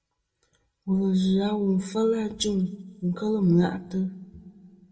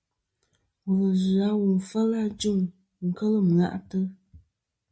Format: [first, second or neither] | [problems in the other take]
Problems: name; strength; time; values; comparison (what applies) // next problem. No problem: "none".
second | room echo; dies away in 0.5 s